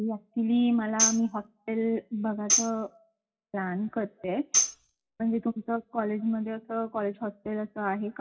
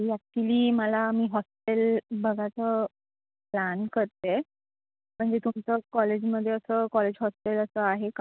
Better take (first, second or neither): second